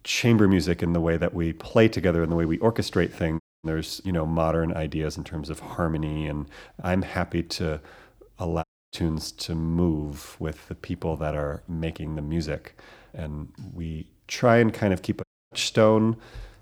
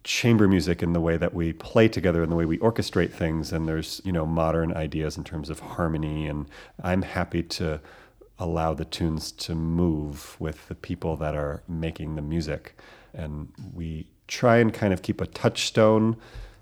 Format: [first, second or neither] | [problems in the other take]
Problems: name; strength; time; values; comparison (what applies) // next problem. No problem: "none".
second | audio cutting out; at 3.5 s, at 8.5 s and at 15 s